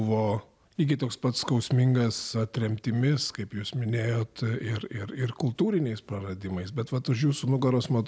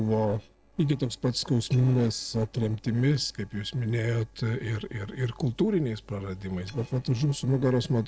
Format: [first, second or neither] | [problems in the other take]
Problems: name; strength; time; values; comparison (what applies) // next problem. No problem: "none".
first | noise reduction (neural separator model SepFormer DNS4)